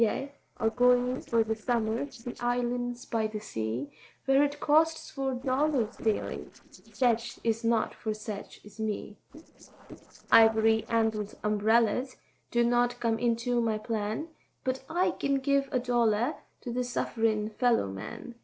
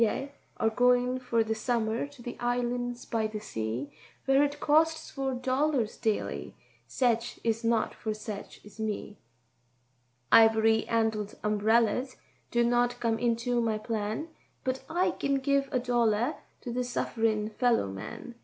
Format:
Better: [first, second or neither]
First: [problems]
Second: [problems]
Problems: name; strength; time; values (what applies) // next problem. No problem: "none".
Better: second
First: noise reduction (neural separator model SepFormer DNS4)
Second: none